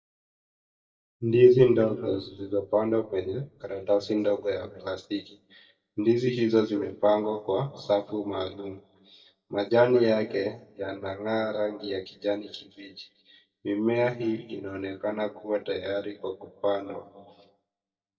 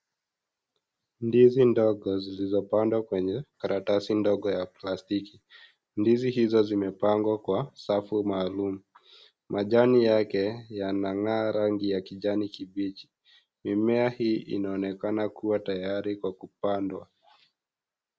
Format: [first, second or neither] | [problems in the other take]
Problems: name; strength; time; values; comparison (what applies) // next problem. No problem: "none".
second | noise reduction (neural mask model DeepFilterNet 3)